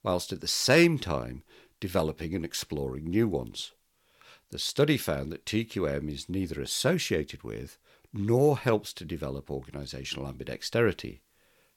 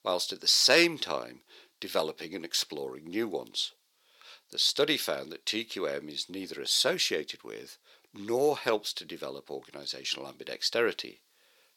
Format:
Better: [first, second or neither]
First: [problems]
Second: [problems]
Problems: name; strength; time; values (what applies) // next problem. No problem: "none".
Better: first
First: none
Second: thin; somewhat; fading below 400 Hz